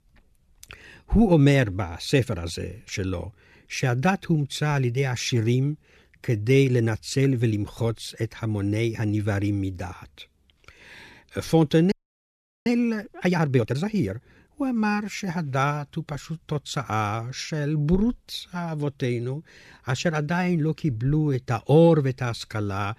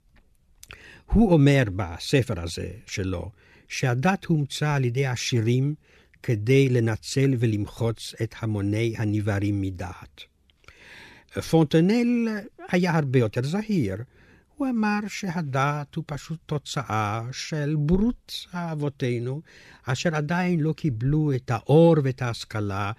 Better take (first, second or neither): second